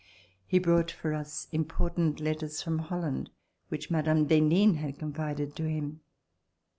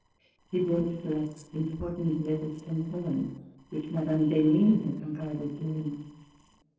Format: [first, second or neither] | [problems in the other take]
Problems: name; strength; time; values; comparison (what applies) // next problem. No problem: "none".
first | noise reduction (neural separator model SepFormer DNS4)